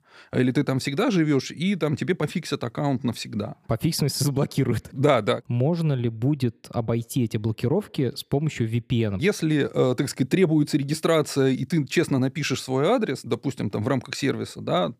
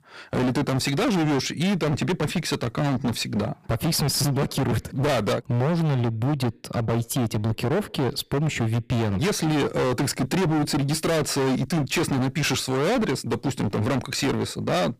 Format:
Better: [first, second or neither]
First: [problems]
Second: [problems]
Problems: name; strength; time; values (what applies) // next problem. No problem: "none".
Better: first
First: none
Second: distortion; heavy; 34% of the sound clipped